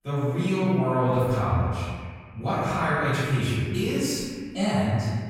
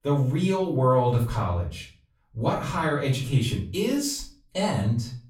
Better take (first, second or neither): second